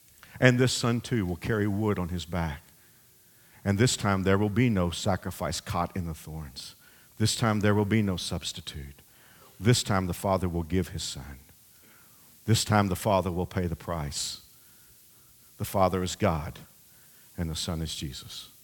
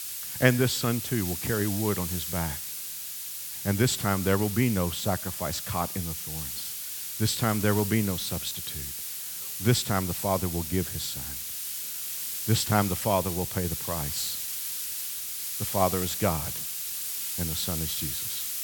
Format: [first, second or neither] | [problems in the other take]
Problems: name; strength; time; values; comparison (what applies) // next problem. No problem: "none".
first | hiss; loud; throughout; 3 dB below the speech; faint in the first